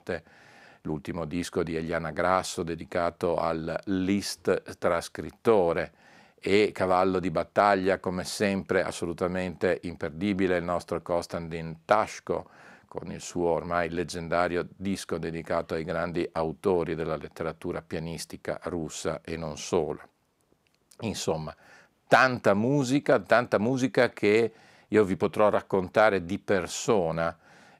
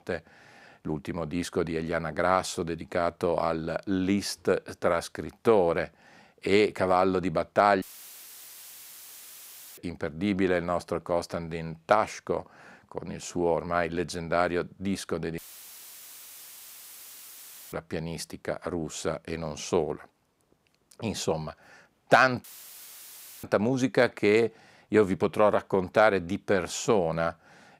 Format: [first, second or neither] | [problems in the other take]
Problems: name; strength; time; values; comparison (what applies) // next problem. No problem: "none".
first | audio cutting out; filled with static; at 8 s for 2 s, at 15 s for 2.5 s and at 22 s for 1 s